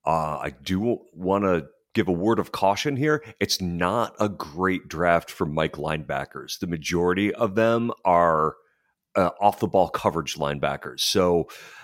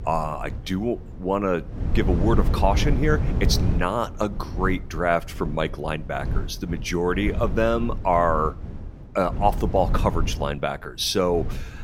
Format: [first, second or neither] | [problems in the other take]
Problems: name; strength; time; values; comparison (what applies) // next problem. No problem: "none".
first | wind noise on the microphone; occasional gusts; 15 dB below the speech